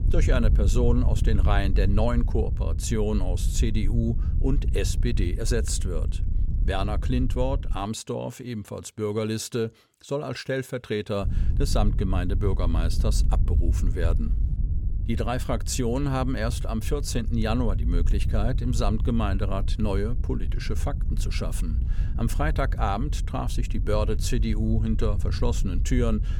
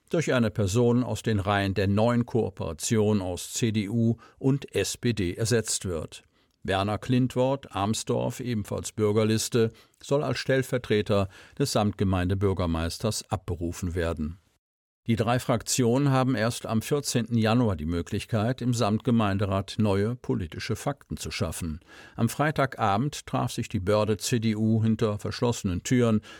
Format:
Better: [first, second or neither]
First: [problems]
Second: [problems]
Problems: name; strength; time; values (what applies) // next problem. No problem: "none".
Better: second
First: wind noise on the microphone; occasional gusts; until 8 s and from 11 s on; 15 dB below the speech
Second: none